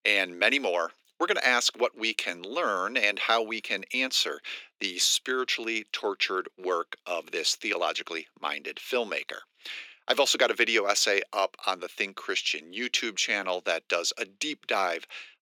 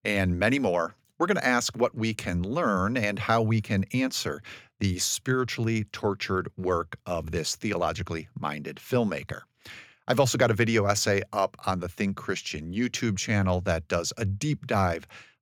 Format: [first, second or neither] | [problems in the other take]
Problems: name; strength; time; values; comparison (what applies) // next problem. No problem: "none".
second | thin; somewhat; fading below 300 Hz